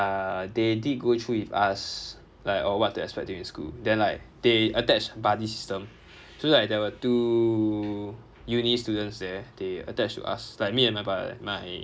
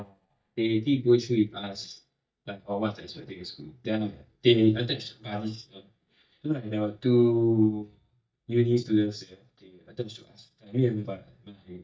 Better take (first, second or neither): first